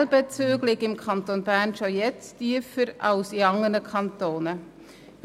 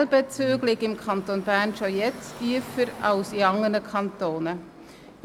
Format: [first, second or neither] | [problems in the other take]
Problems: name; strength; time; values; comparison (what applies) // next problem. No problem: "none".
first | background sound (Car passing by / Traffic noise, roadway noise); 18 dB below the speech